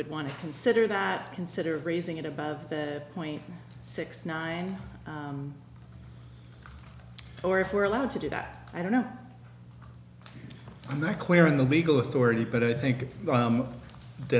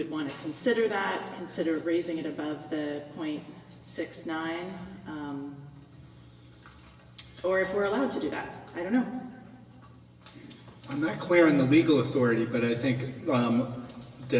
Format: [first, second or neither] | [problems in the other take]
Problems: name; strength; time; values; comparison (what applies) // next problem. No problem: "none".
first | room echo; dies away in 1.7 s